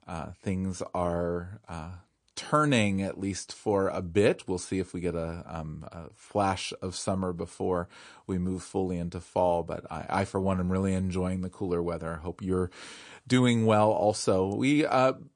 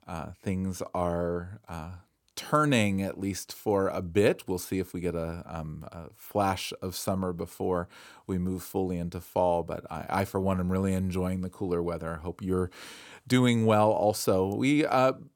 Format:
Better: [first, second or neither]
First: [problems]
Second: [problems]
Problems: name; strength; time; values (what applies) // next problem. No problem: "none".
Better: second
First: garbled, watery; slightly; nothing above 9 kHz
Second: none